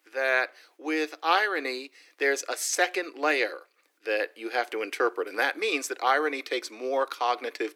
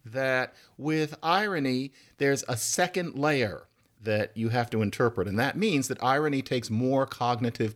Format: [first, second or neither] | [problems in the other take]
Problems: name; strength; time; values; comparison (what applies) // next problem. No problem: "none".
second | thin; very; fading below 300 Hz